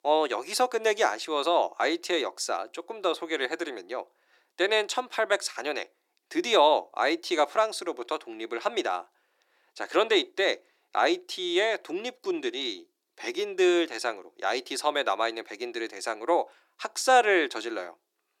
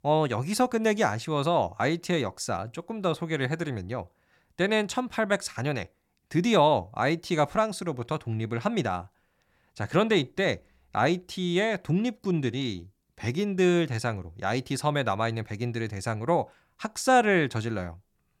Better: second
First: thin; very; fading below 350 Hz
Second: none

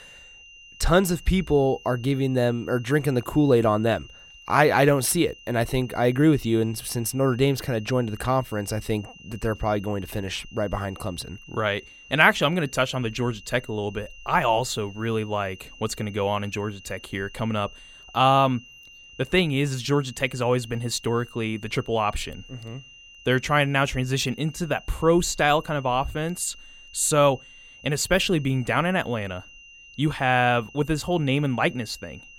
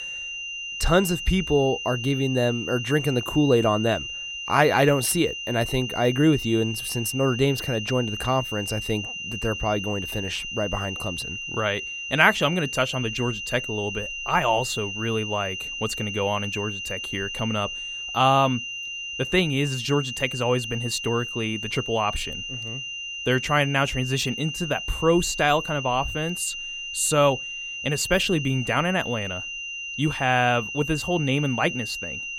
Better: first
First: high-pitched whine; faint; throughout; 3 kHz, 20 dB below the speech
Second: high-pitched whine; loud; throughout; 3 kHz, 6 dB below the speech

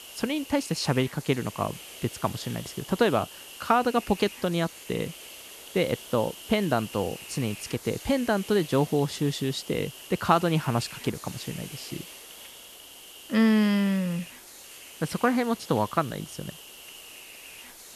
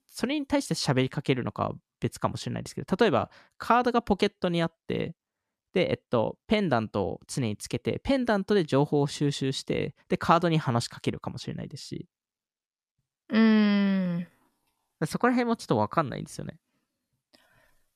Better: second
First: hiss; noticeable; throughout; 15 dB below the speech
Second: none

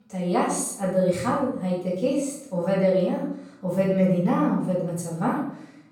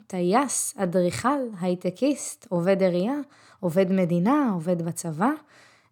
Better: second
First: off-mic speech; far // room echo; noticeable; dies away in 0.6 s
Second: none

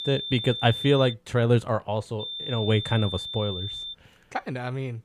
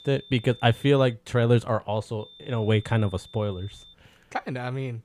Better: second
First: high-pitched whine; loud; until 1 s and from 2 to 4 s; 3.5 kHz, 6 dB below the speech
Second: high-pitched whine; faint; until 1 s and from 2 to 4 s; 3.5 kHz, 20 dB below the speech

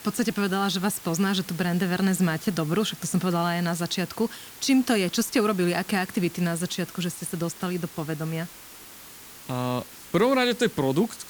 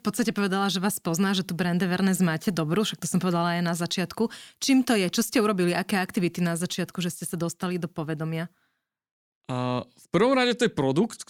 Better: second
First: hiss; noticeable; throughout; 15 dB below the speech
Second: none

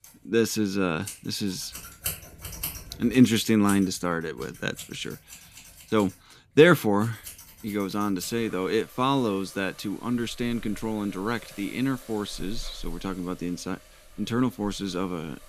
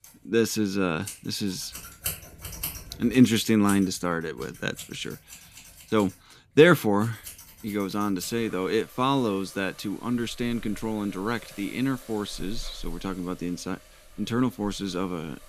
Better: neither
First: household noises; noticeable; throughout; 15 dB below the speech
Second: household noises; noticeable; throughout; 15 dB below the speech

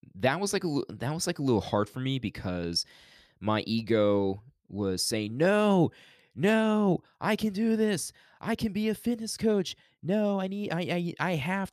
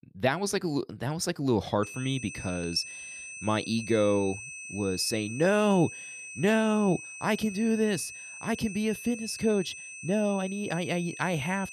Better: first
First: none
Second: high-pitched whine; noticeable; from 2 s on; 2.5 kHz, 10 dB below the speech

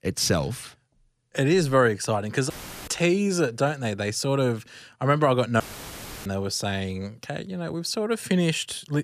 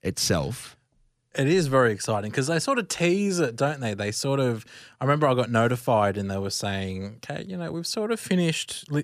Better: second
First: audio cutting out; filled with static; at 2.5 s and at 5.5 s for 0.5 s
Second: none

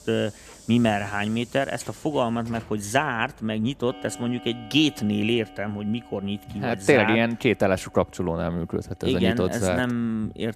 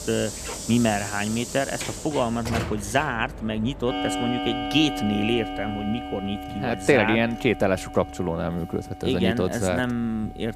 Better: first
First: household noises; faint; throughout; 20 dB below the speech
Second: household noises; loud; throughout; 8 dB below the speech

